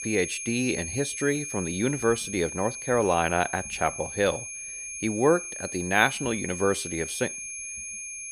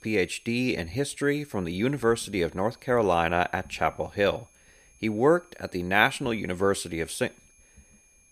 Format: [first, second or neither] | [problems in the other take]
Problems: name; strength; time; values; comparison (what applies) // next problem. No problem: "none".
second | high-pitched whine; loud; throughout; 6.5 kHz, 7 dB below the speech; faint in the second